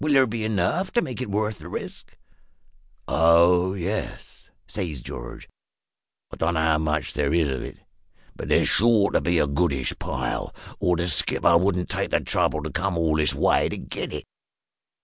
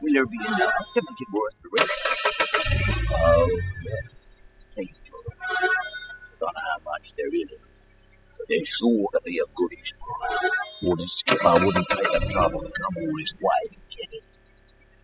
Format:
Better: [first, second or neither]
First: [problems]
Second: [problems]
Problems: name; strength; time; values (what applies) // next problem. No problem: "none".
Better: first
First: none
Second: noise reduction (classical method spectral subtraction)